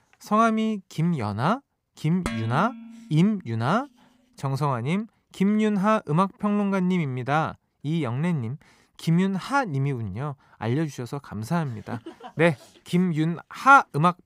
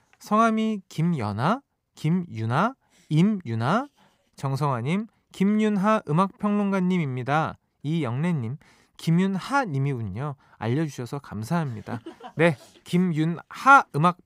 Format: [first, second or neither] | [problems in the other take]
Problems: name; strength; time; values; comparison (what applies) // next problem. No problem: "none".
second | clattering dishes; noticeable; at 2.5 s; peak 8 dB below the speech